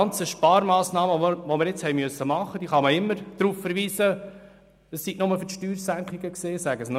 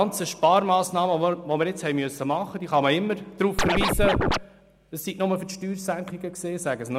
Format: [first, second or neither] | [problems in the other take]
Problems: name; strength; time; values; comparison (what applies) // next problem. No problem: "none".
first | background sound (Scratching (performance technique)); 3 dB above the speech